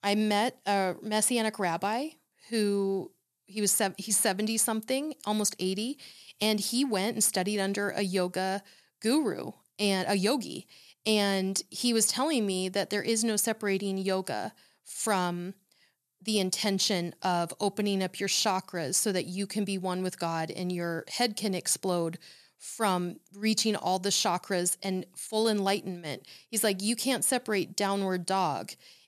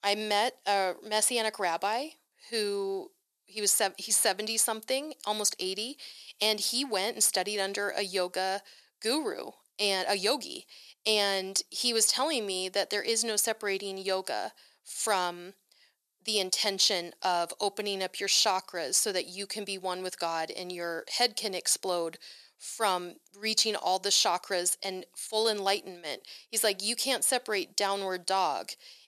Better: first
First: none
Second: thin; somewhat; fading below 500 Hz

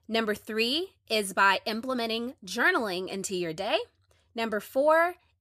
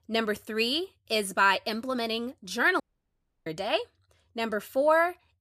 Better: first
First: none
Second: audio cutting out; at 3 s for 0.5 s

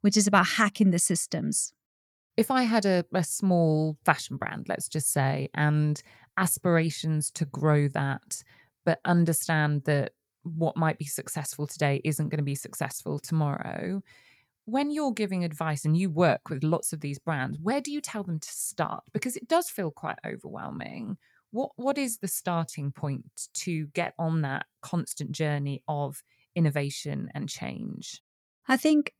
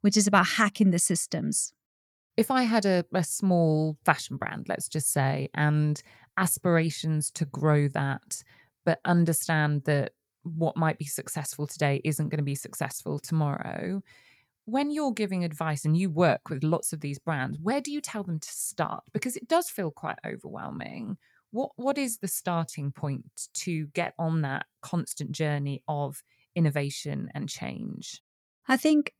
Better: neither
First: none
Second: none

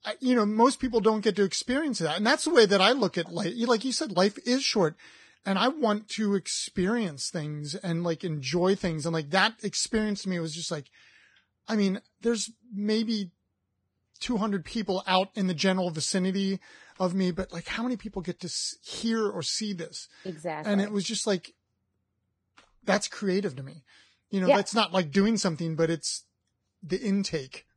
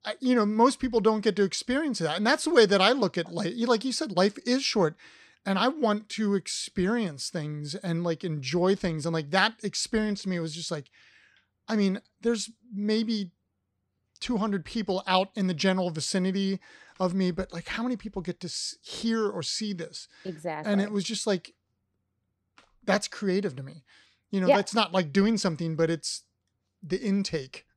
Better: second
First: garbled, watery; badly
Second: none

